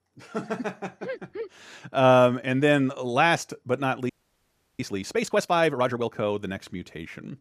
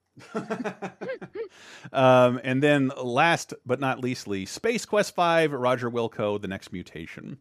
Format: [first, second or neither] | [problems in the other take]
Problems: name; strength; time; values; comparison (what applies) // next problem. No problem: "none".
second | audio freezing; at 4 s for 0.5 s